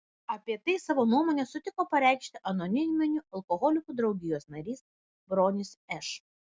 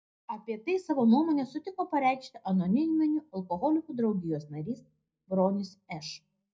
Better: first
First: none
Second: room echo; dies away in 0.3 s

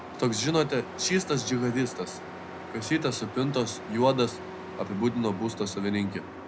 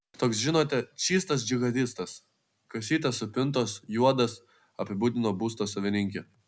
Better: second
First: background sound (Truck); 11 dB below the speech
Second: none

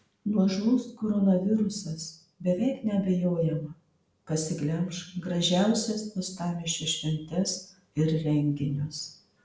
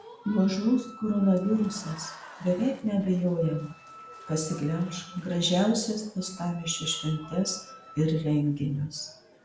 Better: first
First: none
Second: background sound (Wind instrument, woodwind instrument + Applause / Crowd); 20 dB below the speech

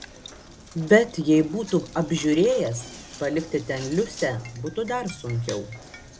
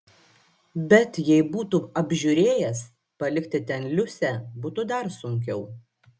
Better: second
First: background sound (Knock); 17 dB below the speech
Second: none

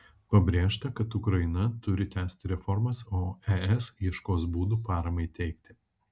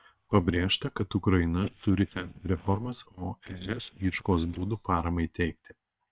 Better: first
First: none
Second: noise reduction (neural separator model SepFormer WHAM!)

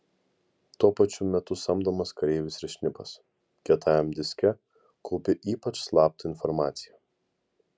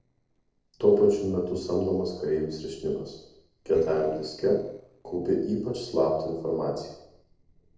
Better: first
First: none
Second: noise reduction (neural separator model SepFormer DNS4)

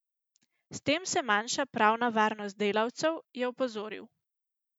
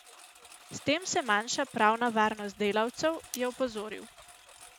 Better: first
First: none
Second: background sound (Cutlery, silverware + Engine); 19 dB below the speech

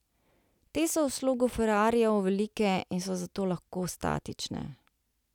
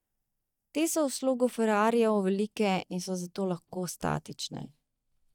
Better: first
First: none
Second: noise reduction (neural mask model DeepFilterNet 3)

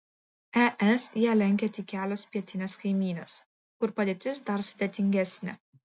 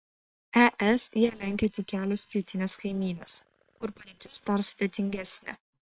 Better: first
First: none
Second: noise reduction (neural separator model SepFormer WHAM!)

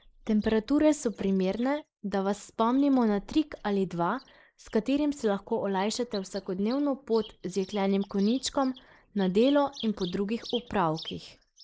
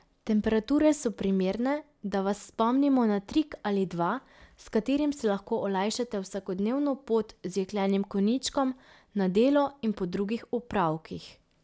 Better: second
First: noise reduction (neural mask model Resemble Enhance denoiser)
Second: none

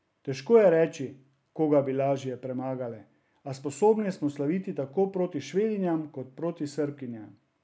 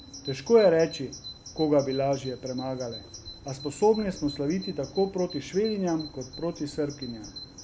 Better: first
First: none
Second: background sound (Bird vocalization, bird call, bird song); 16 dB below the speech

